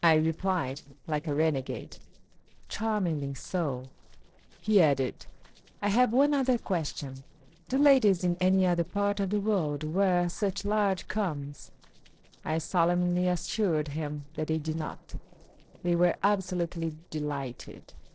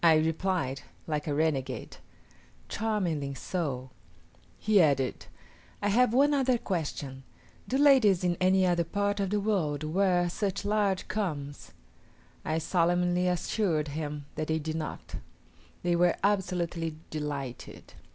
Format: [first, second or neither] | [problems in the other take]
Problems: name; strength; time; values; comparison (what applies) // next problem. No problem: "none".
second | noise reduction (neural separator model SepFormer DNS4)